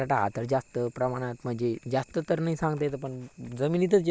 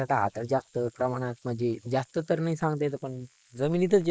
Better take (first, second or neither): first